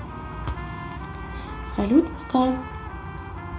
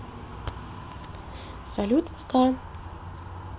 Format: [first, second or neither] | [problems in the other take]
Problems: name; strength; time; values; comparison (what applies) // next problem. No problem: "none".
second | background sound (Trumpet); 15 dB below the speech // room echo; dies away in 0.4 s